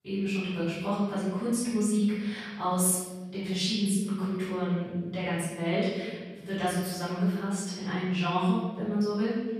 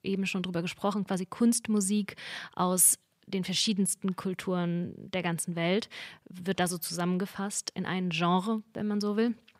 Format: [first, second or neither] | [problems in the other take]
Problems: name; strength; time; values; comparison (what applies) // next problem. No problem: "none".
second | off-mic speech; far // room echo; strong; dies away in 1.3 s